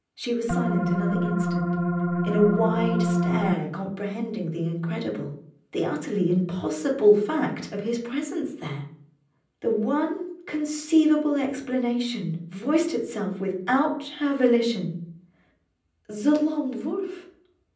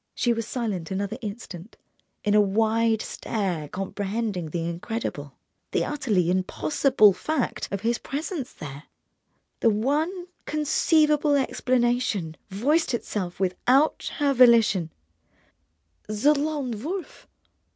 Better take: second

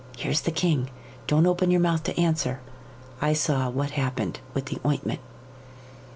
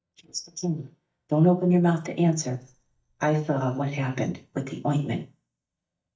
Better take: first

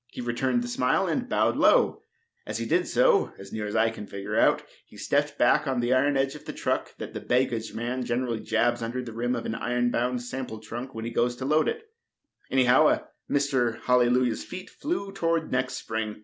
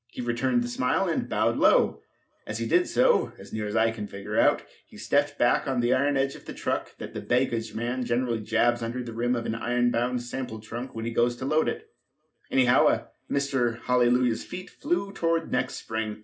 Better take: first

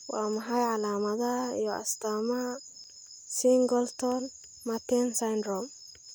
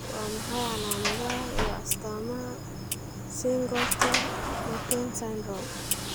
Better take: first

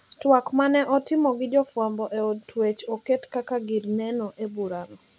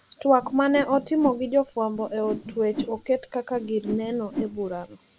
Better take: first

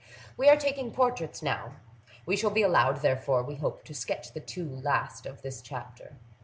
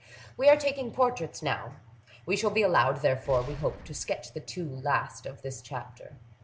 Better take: first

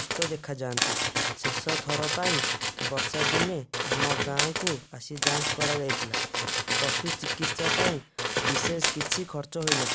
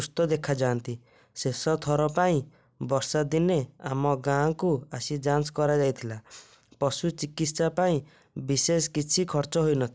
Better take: second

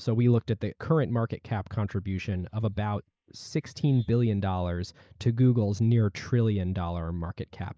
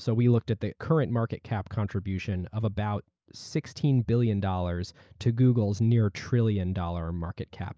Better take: second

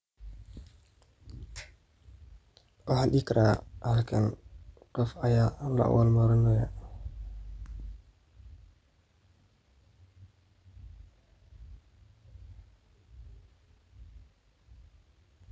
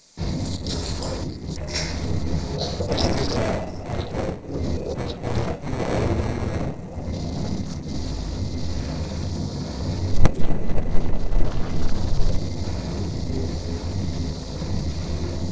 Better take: first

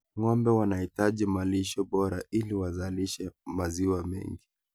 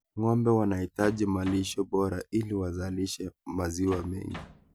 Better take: first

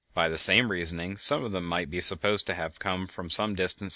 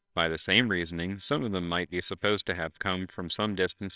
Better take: first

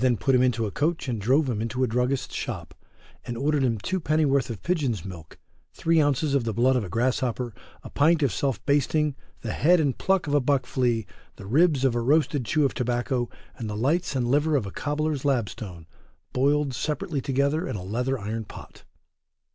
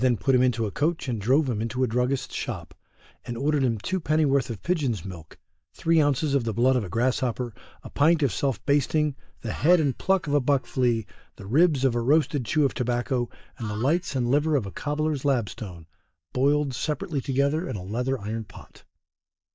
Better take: first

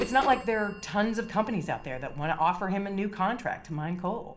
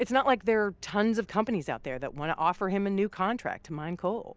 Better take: second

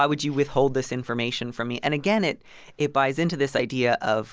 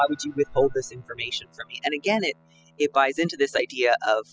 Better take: first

